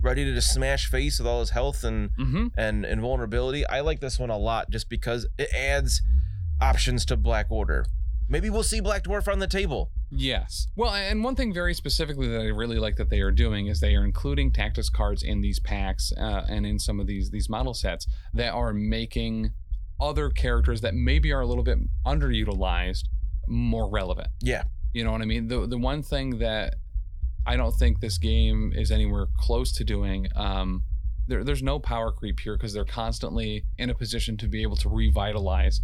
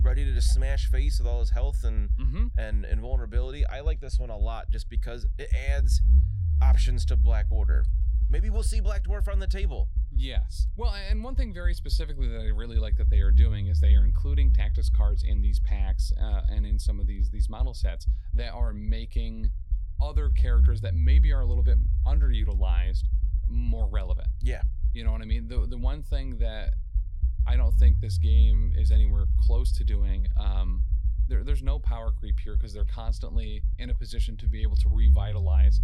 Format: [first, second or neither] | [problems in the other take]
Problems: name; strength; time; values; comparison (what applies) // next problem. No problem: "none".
first | low rumble; loud; throughout; 6 dB below the speech; faint in the first